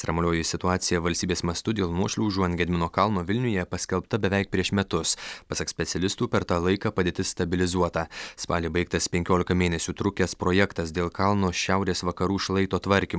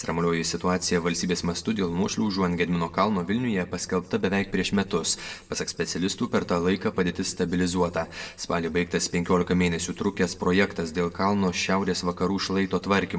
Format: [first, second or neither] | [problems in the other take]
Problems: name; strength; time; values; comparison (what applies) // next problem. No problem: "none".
first | room echo; dies away in 1 s